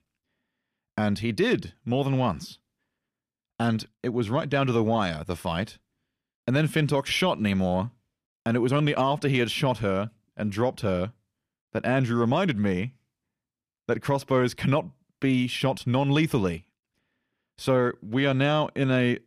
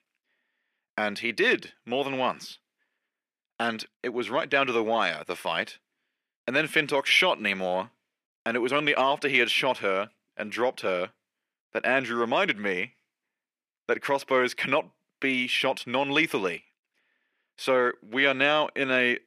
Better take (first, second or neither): first